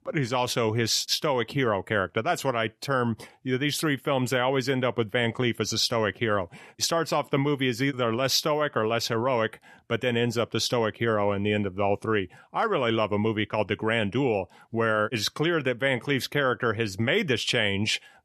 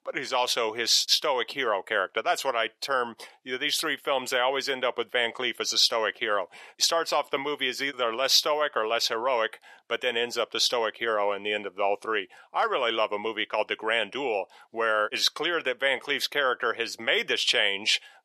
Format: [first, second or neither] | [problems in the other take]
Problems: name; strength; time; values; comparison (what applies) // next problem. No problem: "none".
first | thin; very; fading below 600 Hz